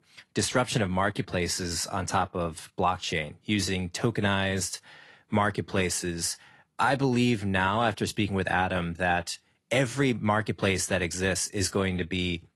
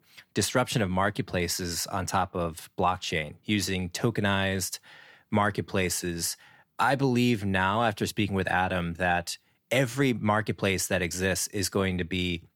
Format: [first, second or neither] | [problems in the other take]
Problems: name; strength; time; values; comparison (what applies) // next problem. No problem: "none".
second | garbled, watery; slightly; nothing above 11.5 kHz